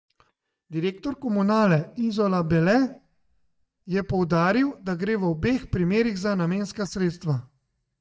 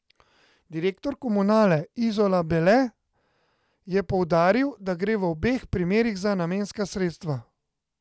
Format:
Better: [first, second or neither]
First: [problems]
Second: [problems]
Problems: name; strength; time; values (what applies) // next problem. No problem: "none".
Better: second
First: noise reduction (neural mask model DeepFilterNet 3)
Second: none